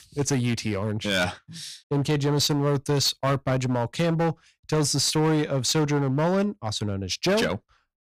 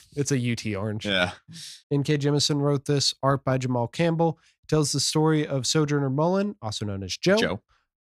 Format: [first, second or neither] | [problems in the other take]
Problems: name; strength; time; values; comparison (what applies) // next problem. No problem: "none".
second | distortion; slight; 11% of the sound clipped